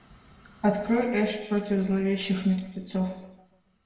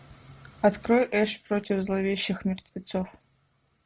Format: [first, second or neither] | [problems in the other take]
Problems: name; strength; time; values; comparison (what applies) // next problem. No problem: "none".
second | room echo; dies away in 1 s